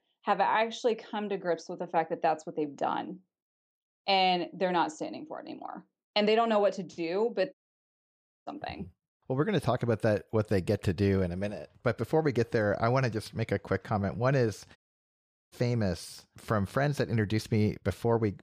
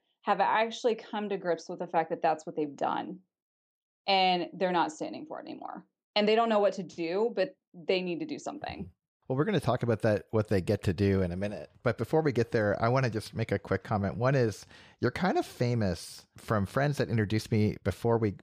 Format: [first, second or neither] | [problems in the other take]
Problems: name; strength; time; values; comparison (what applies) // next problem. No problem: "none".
second | audio cutting out; at 7.5 s for 1 s and at 15 s for 1 s